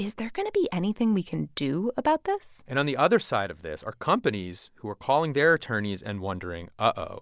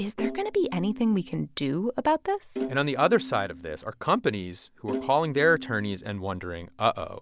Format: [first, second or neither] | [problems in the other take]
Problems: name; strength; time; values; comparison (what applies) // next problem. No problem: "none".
first | background sound (Bowed string instrument); 12 dB below the speech